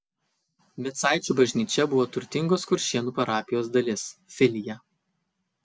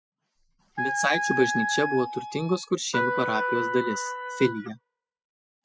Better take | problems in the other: first | noise reduction (classical method spectral subtraction)

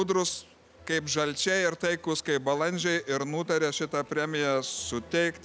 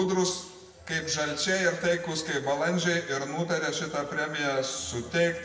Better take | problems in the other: first | room echo; dies away in 1 s

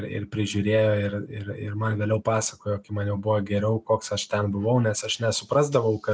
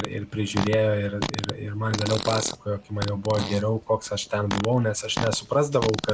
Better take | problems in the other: first | background sound (Fart); 8 dB below the speech

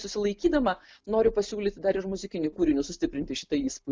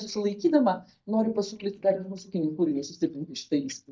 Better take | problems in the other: first | noise reduction (neural mask model DeepFilterNet 3)

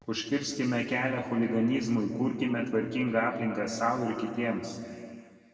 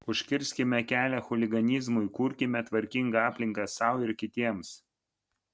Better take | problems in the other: second | room echo; dies away in 2.1 s

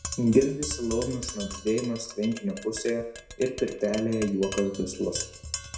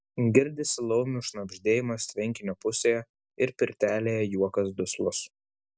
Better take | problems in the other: second | background sound (Tap); 11 dB below the speech // room echo; dies away in 0.6 s

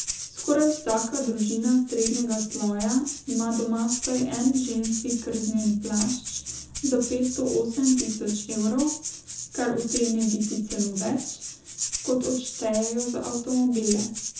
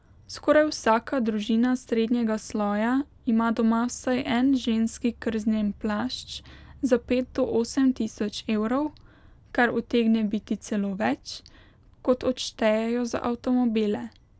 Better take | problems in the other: second | background sound (Rattle (instrument)); 8 dB below the speech // room echo; dies away in 0.5 s

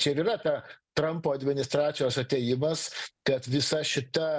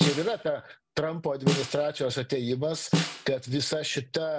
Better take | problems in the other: first | background sound (Snare drum); 3 dB below the speech

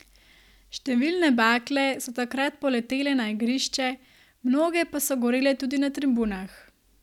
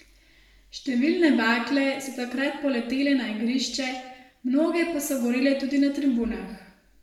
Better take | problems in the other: first | room echo; dies away in 0.8 s

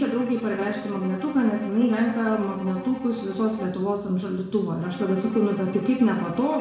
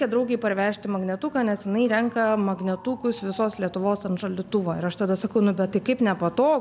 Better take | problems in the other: second | background sound (Bowed string instrument); 14 dB below the speech // room echo; dies away in 0.6 s

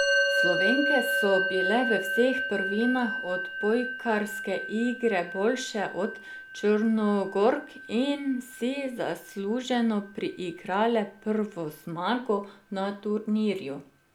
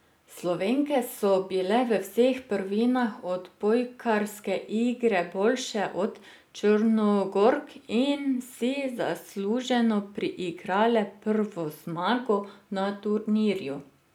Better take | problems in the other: second | background sound (Musical instrument); 5 dB below the speech

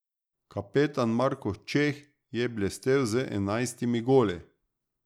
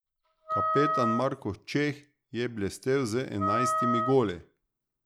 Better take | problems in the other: first | background sound (Wind instrument, woodwind instrument); 1 dB below the speech

